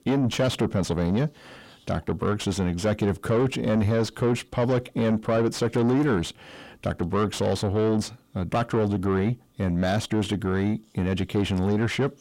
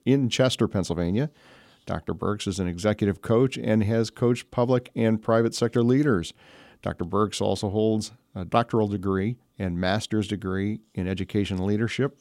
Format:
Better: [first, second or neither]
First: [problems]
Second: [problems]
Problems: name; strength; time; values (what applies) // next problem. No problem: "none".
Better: second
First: distortion; heavy; 8 dB below the speech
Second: none